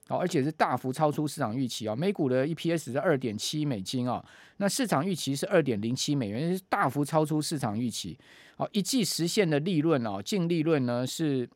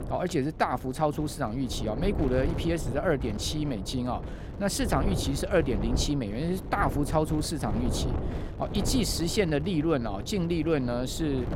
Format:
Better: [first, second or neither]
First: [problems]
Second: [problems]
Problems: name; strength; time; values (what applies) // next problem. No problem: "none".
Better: first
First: none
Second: wind noise on the microphone; occasional gusts; 10 dB below the speech